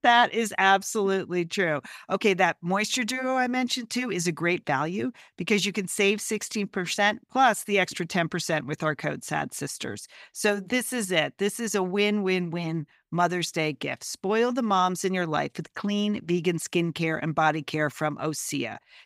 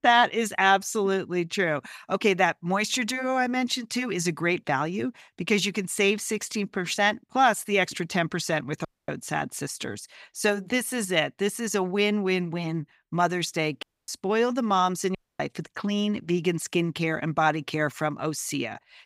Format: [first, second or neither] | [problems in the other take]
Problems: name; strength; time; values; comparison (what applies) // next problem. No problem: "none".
first | audio cutting out; at 9 s, at 14 s and at 15 s